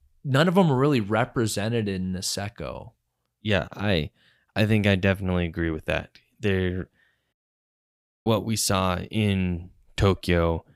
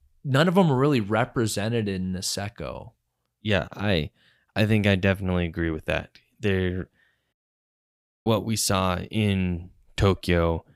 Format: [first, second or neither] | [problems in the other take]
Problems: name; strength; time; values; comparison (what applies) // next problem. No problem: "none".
neither | audio cutting out; at 7.5 s for 1 s; the same in both